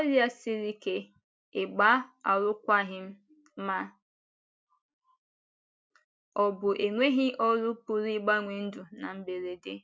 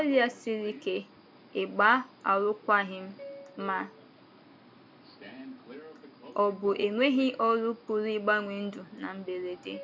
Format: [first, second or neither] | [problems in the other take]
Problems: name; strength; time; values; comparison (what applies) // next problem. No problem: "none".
first | background sound (Subway, metro, underground); 19 dB below the speech